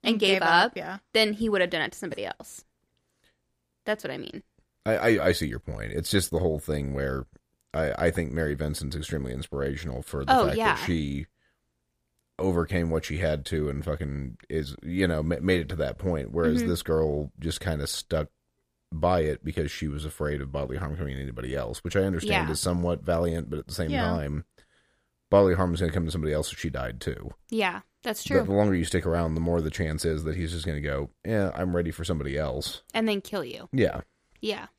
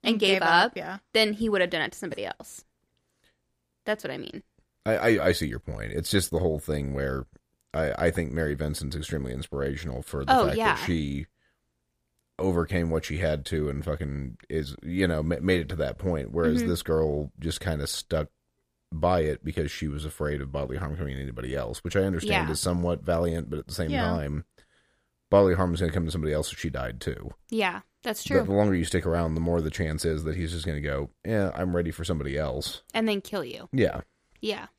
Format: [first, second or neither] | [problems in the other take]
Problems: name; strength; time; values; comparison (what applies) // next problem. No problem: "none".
neither | none